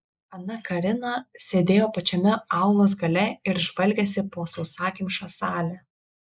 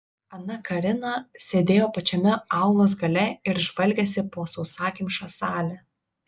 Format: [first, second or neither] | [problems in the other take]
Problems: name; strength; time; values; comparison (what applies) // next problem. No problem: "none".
second | noise reduction (neural mask model Resemble Enhance denoiser)